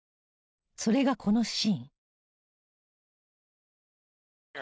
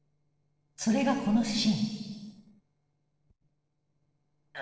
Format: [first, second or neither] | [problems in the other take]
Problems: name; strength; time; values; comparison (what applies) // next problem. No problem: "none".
first | noise reduction (neural separator model SepFormer DNS4)